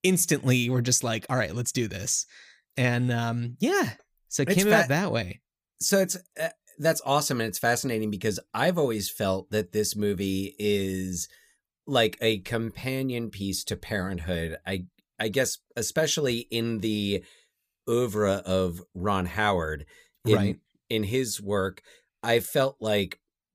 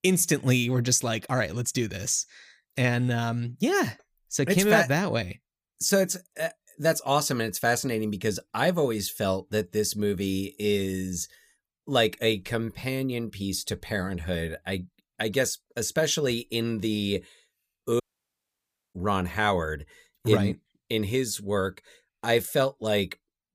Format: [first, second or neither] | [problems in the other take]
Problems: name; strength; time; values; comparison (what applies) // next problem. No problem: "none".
first | audio cutting out; at 18 s for 1 s